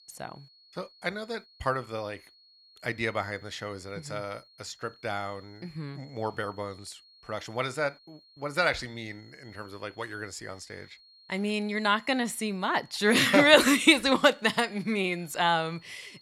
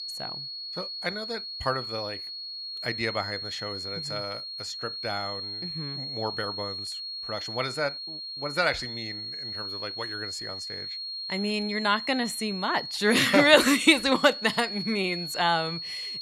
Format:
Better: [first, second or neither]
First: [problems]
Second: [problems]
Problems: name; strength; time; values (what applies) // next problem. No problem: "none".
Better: first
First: high-pitched whine; faint; throughout; 4.5 kHz, 30 dB below the speech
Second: high-pitched whine; loud; throughout; 4.5 kHz, 7 dB below the speech